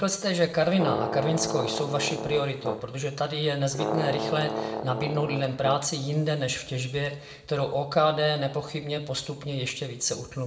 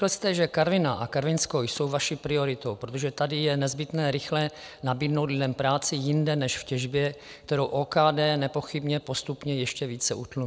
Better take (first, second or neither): second